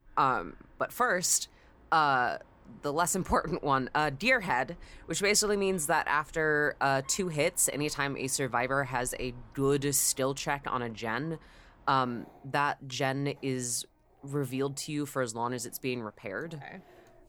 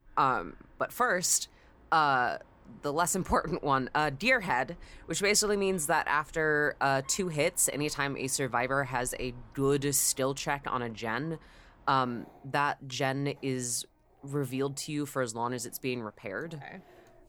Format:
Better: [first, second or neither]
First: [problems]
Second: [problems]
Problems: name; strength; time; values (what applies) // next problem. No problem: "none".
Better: neither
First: animal sounds; faint; throughout; 30 dB below the speech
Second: animal sounds; faint; throughout; 30 dB below the speech